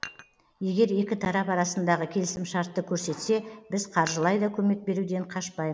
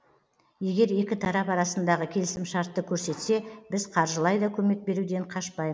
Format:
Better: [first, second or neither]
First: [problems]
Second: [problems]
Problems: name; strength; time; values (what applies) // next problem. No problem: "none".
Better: second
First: background sound (Dishes, pots, and pans); 17 dB below the speech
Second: none